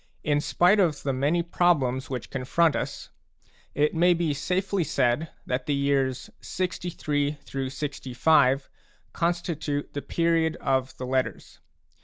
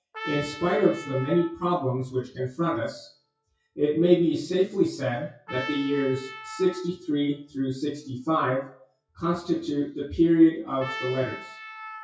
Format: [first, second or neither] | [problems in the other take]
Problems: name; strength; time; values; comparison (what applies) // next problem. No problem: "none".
first | noise reduction (classical method WPE with log-MMSE)